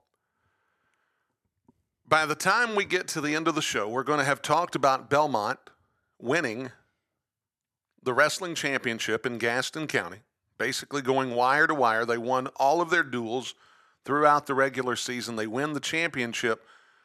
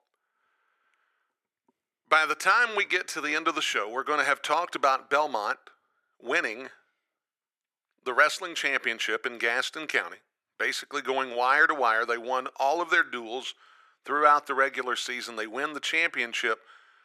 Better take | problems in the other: first | thin; somewhat; fading below 400 Hz

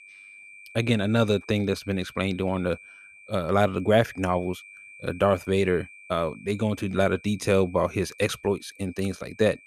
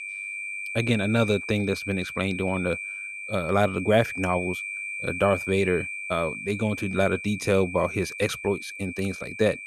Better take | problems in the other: first | high-pitched whine; loud; throughout; 2.5 kHz, 7 dB below the speech; faint in the first

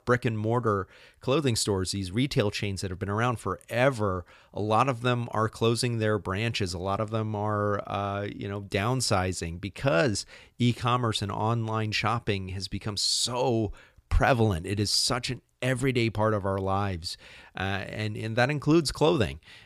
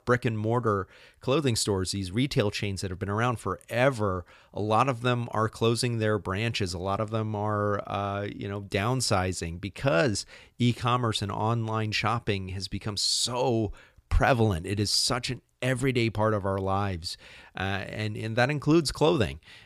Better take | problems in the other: neither | none

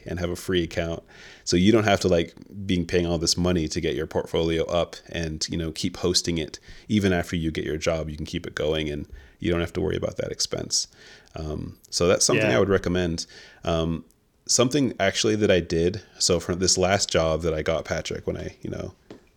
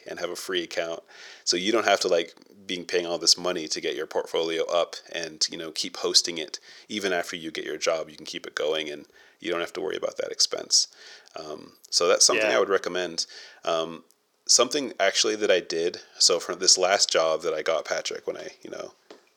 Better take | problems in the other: first | thin; very; fading below 500 Hz

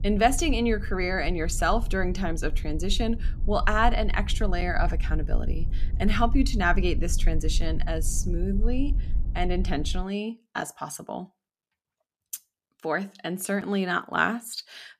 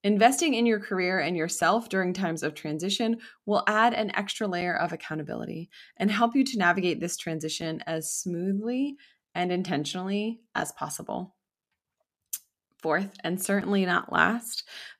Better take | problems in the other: second | low rumble; faint; until 10 s; 20 dB below the speech

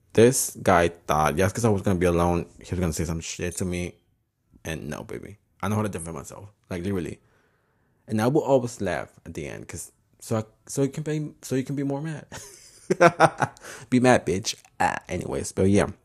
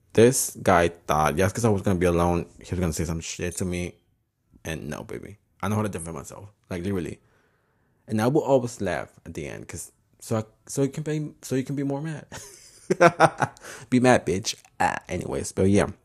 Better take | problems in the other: neither | none

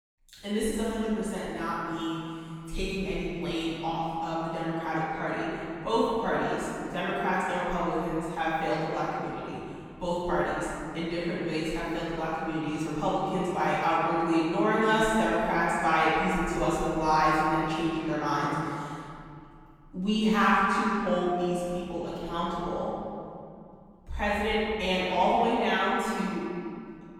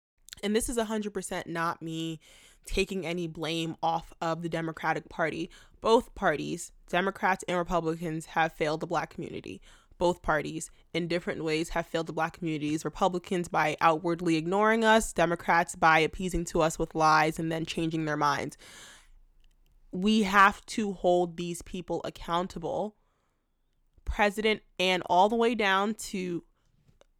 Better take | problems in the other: second | off-mic speech; far // room echo; strong; dies away in 2.5 s

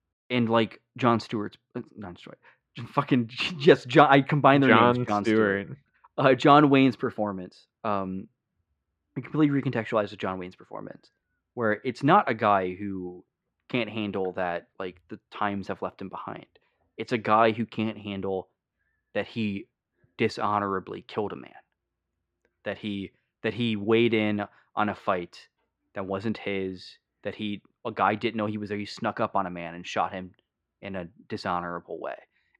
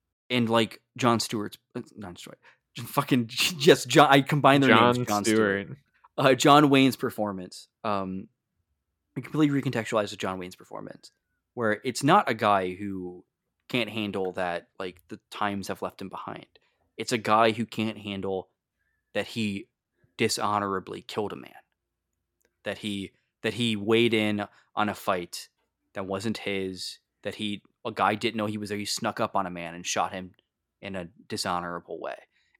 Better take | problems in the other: second | muffled; slightly; fading above 2.5 kHz

